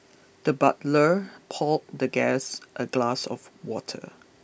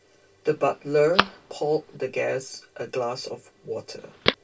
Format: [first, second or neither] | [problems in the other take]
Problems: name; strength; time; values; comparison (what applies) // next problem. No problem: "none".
first | background sound (Telephone); 5 dB below the speech // room echo; dies away in 0.1 s